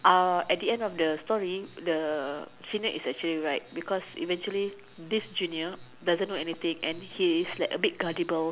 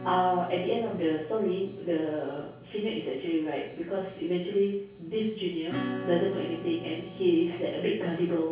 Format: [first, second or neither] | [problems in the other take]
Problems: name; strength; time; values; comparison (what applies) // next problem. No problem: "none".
first | background sound (Acoustic guitar / Strum); 13 dB below the speech // room echo; dies away in 0.6 s